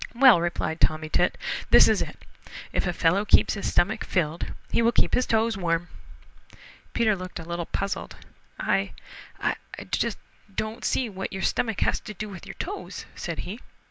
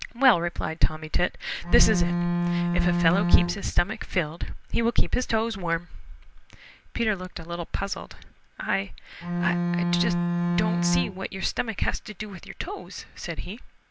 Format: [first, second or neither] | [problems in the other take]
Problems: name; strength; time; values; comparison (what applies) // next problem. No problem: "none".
first | background sound (Bowed string instrument); as loud as the speech